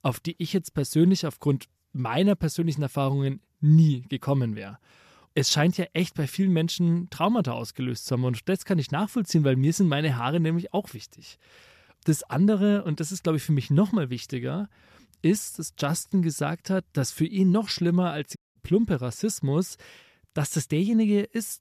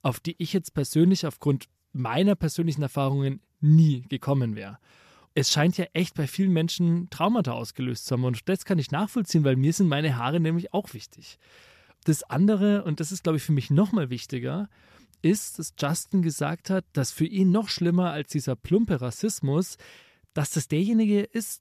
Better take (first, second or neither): second